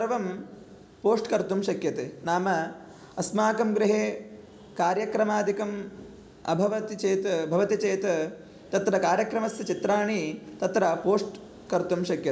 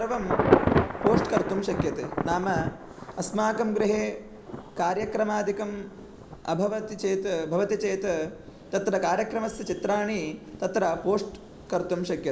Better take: first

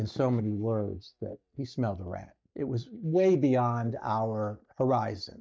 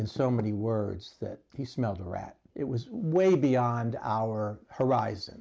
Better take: second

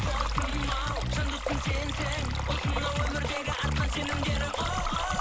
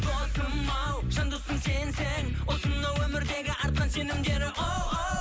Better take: second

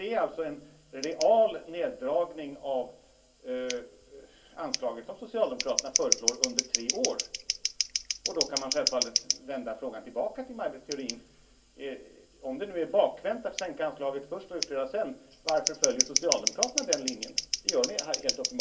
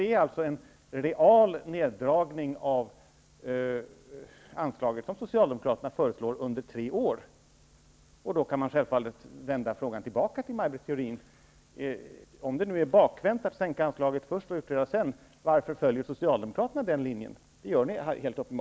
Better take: second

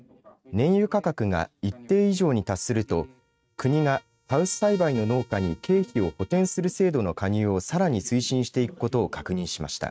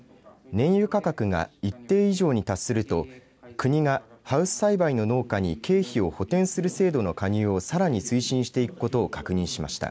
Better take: second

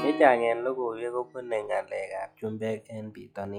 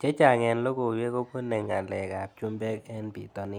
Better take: second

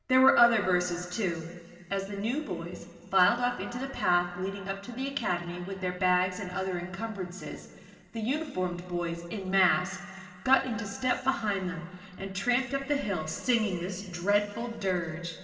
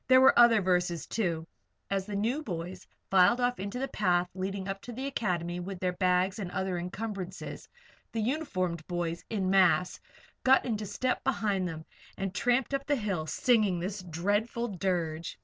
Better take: second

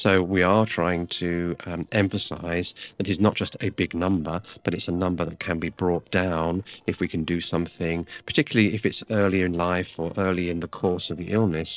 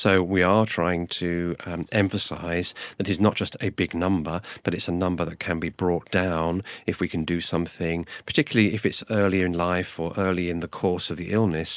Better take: second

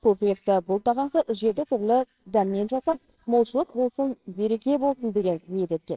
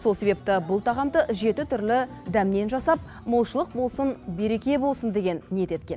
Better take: second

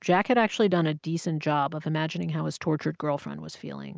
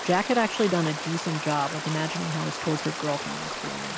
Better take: first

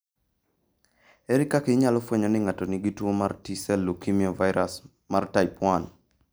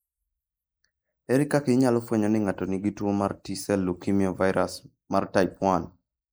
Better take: first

